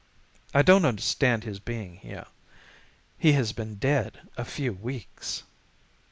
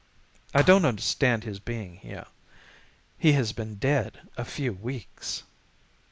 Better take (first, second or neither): first